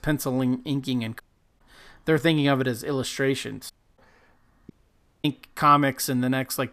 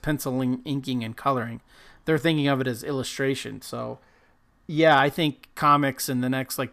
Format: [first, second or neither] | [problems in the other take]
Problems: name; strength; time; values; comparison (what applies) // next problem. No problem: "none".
second | audio cutting out; at 1 s, at 3.5 s and at 4.5 s for 0.5 s